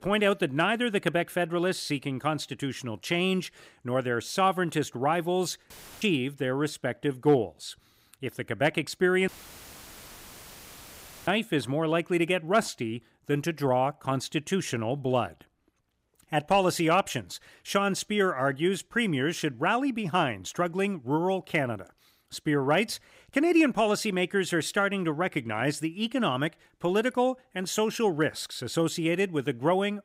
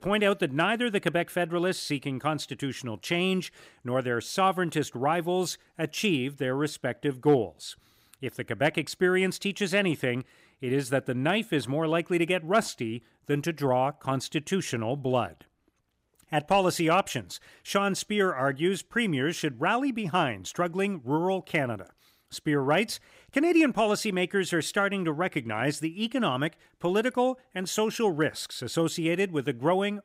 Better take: second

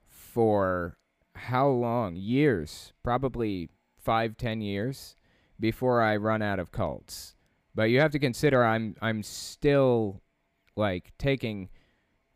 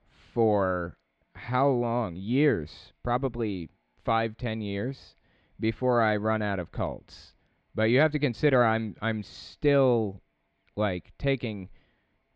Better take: first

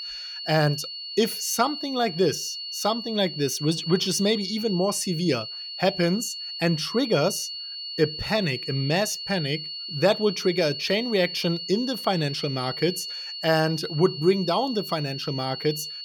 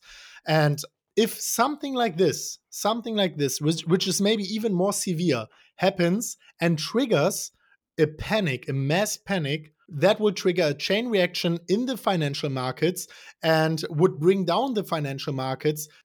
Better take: second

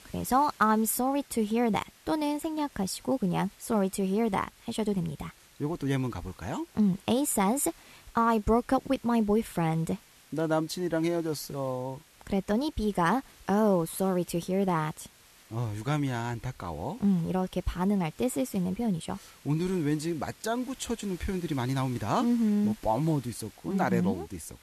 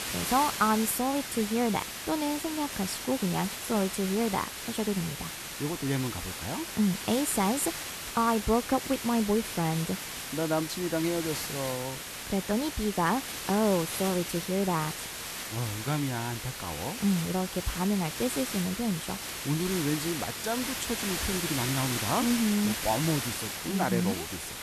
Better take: first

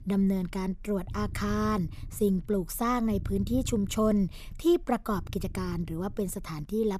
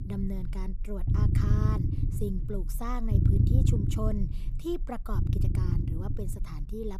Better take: first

